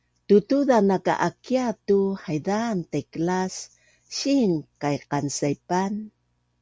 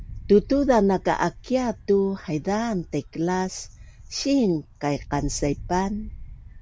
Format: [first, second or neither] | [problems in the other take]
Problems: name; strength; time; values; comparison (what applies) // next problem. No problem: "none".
first | background sound (Wind); 15 dB below the speech